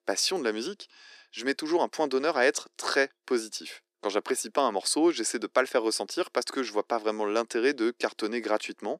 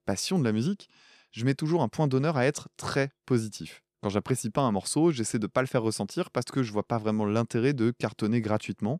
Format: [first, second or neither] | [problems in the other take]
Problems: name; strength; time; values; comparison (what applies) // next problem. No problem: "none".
second | thin; somewhat; fading below 300 Hz